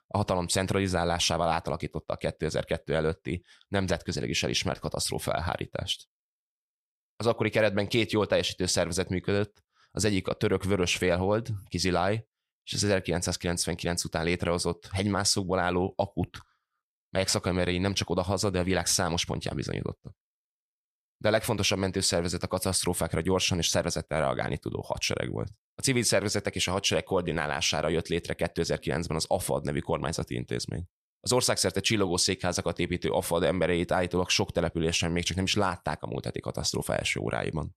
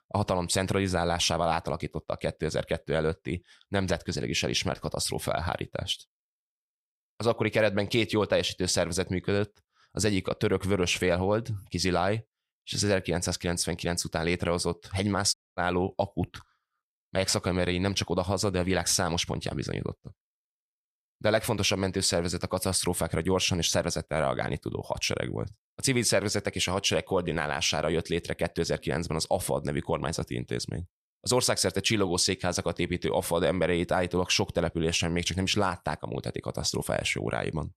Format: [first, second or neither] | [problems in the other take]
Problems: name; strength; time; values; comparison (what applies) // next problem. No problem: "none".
first | audio cutting out; at 15 s